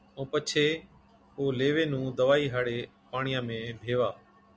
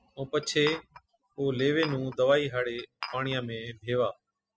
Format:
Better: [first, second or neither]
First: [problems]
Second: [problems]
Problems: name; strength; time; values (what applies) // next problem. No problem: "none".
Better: first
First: none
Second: noise reduction (classical method spectral subtraction)